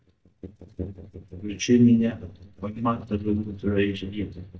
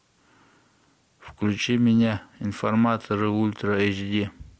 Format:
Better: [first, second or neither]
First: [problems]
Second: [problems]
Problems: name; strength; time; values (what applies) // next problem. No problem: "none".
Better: second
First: noise reduction (neural mask model DeepFilterNet 3)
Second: none